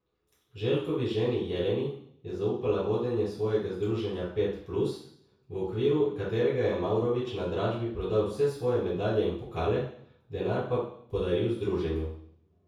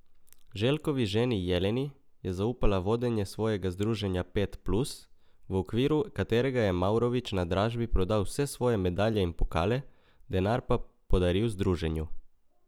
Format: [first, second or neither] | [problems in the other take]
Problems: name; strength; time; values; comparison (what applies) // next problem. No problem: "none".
second | room echo; dies away in 0.6 s